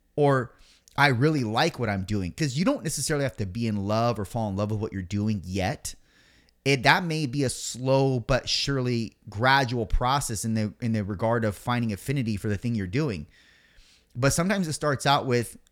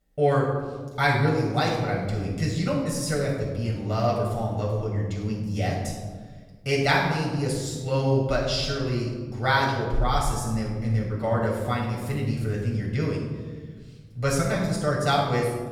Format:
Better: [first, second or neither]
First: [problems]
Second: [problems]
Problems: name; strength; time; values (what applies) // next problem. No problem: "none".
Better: first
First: none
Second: off-mic speech; far // room echo; noticeable; dies away in 1.4 s